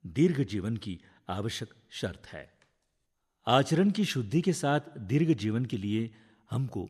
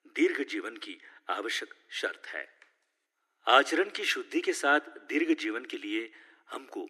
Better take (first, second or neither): first